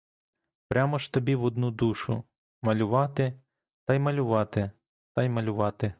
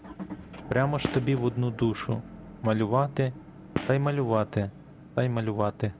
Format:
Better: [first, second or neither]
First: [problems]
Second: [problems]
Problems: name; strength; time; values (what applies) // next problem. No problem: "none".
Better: first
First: none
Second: background sound (Motor vehicle (road) / Engine + Gunshot, gunfire); 12 dB below the speech